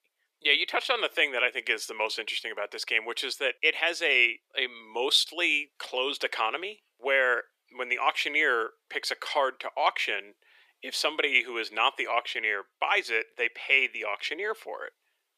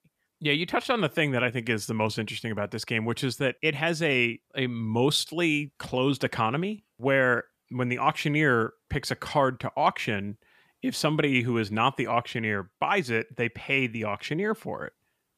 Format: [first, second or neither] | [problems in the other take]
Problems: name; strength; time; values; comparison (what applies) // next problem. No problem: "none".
second | thin; very; fading below 400 Hz